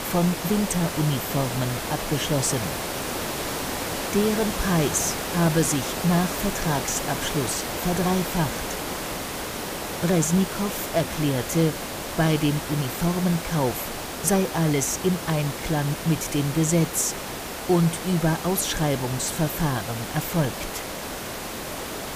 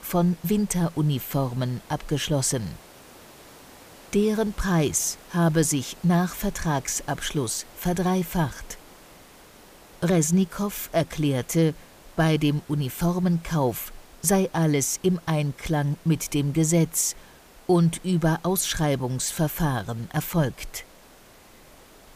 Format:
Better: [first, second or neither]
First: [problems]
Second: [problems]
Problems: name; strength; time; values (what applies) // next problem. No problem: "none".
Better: second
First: hiss; loud; throughout; 5 dB below the speech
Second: hiss; faint; throughout; 25 dB below the speech